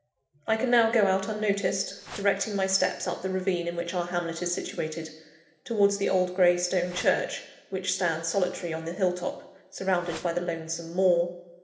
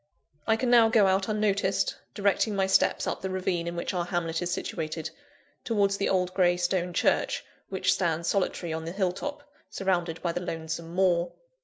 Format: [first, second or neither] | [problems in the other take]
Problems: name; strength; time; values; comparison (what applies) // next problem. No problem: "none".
second | background sound (Whoosh, swoosh, swish); 16 dB below the speech // room echo; dies away in 1 s